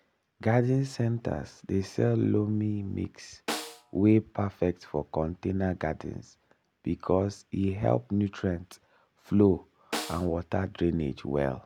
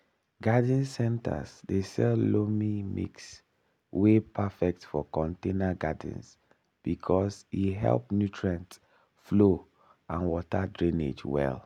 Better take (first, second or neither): second